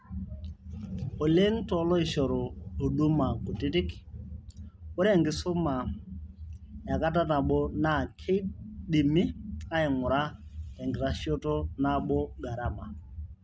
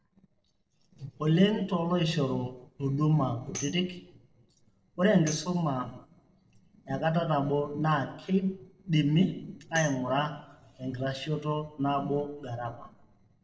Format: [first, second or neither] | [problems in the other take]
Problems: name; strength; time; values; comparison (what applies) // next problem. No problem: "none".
first | noise reduction (neural separator model SepFormer DNS4)